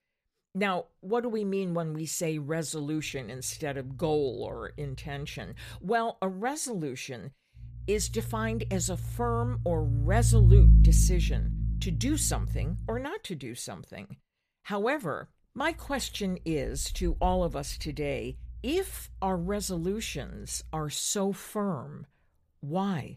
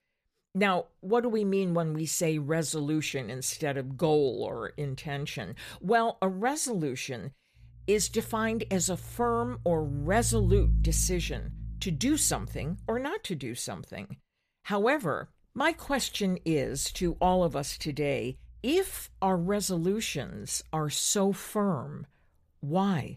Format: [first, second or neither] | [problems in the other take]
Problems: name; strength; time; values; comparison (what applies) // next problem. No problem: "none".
second | low rumble; loud; from 3 to 6 s, from 7.5 to 13 s and from 16 to 21 s; 9 dB below the speech; faint in the second